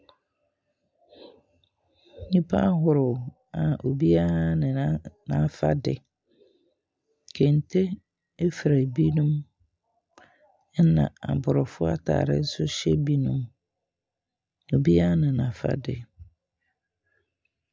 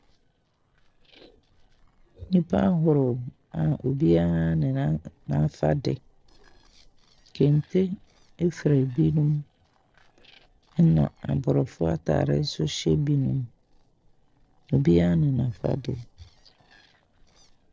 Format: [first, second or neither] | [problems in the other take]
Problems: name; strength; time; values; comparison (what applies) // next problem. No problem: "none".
first | noise reduction (neural separator model SepFormer DNS4)